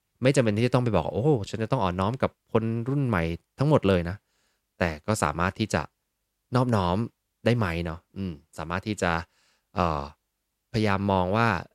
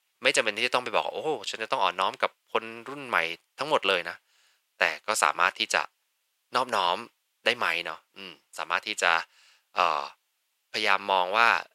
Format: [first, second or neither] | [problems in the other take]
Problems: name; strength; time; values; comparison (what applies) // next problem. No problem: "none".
first | thin; very; fading below 800 Hz